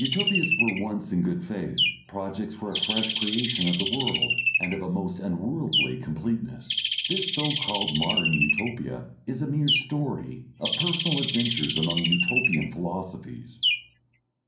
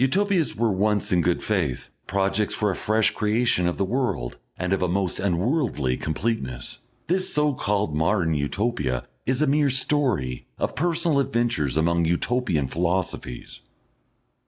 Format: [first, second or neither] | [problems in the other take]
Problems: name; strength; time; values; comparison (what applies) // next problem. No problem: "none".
second | background sound (Bird); as loud as the speech // room echo; dies away in 0.6 s